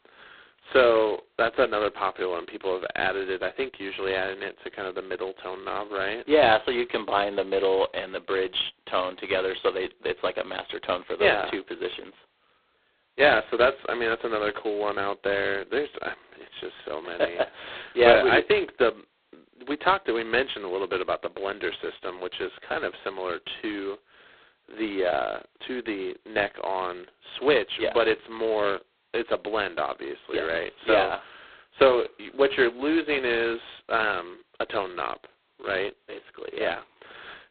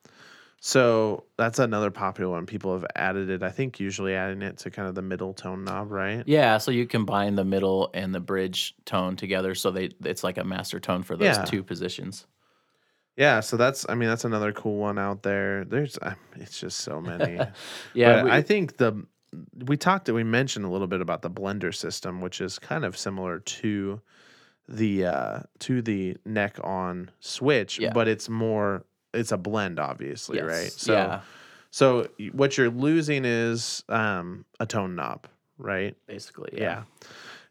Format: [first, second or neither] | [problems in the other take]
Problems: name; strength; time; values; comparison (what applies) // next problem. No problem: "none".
second | phone-call audio; poor line; nothing above 4 kHz